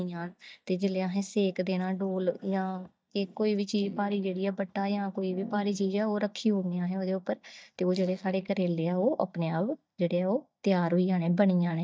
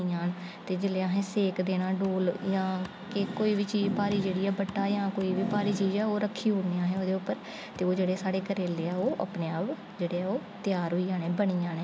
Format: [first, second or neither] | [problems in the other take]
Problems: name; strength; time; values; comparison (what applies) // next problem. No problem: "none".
second | noise reduction (neural mask model DeepFilterNet 3)